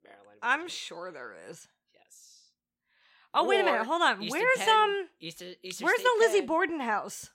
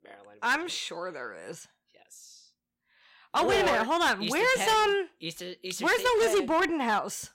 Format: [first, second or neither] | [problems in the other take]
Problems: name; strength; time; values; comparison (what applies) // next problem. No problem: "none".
first | distortion; heavy; 9% of the sound clipped